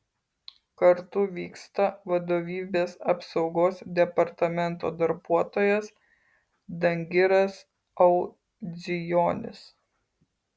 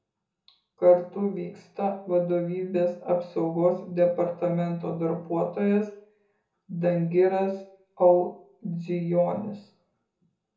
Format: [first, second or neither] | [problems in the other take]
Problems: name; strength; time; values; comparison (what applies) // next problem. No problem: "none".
first | room echo; dies away in 0.6 s